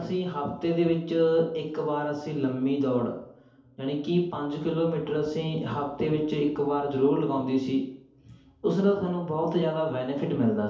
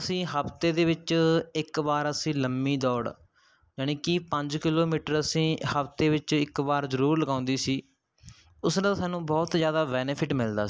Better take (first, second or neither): second